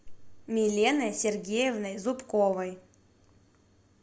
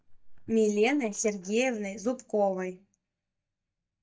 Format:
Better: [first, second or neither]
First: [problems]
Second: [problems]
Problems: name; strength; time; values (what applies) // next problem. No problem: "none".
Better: first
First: none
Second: noise reduction (neural mask model DeepFilterNet 3)